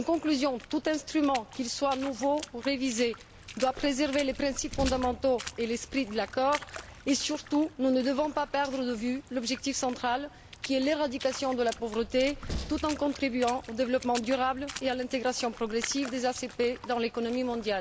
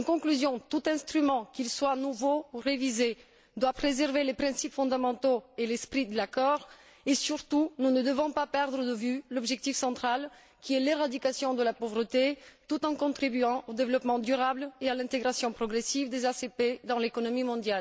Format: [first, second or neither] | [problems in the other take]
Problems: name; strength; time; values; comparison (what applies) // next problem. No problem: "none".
second | background sound (Train + Water / Splash, splatter); 14 dB below the speech